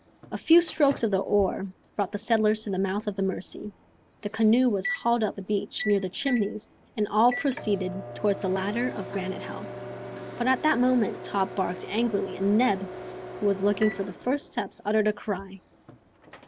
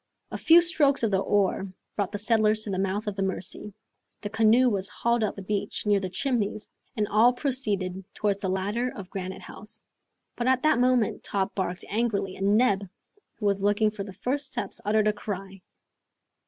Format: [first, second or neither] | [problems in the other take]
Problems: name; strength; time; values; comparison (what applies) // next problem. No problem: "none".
second | background sound (Microwave oven); 13 dB below the speech